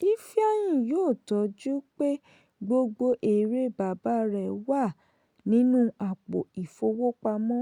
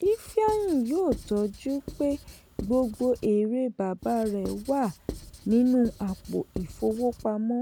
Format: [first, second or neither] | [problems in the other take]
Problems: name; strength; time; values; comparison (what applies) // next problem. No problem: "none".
first | background sound (Writing); 15 dB below the speech